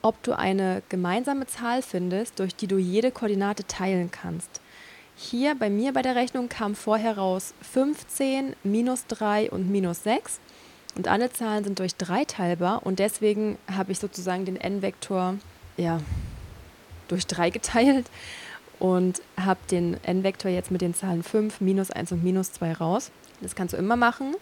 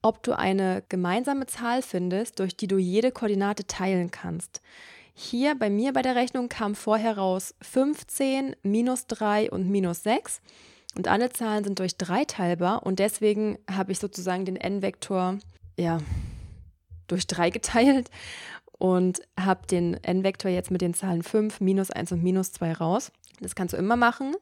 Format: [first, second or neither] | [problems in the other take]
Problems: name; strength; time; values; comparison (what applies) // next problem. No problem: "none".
second | hiss; faint; throughout; 25 dB below the speech